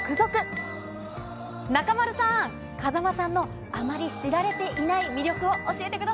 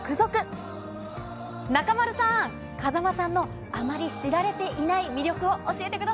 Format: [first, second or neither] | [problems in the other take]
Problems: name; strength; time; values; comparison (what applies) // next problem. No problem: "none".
second | background sound (Chink, clink); 13 dB below the speech